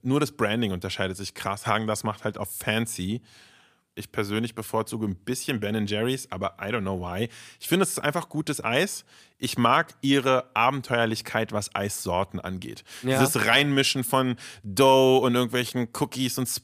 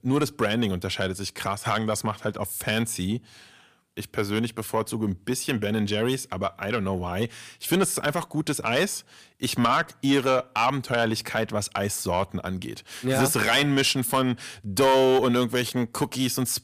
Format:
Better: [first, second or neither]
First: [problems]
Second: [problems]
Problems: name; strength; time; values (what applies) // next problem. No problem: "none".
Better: first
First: none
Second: distortion; slight; 10 dB below the speech